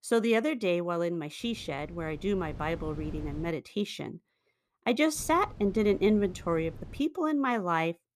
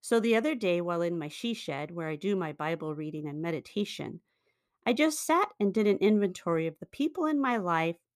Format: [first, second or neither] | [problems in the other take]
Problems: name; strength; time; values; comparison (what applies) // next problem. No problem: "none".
second | wind noise on the microphone; occasional gusts; from 1.5 to 3.5 s and from 5 to 7 s; 25 dB below the speech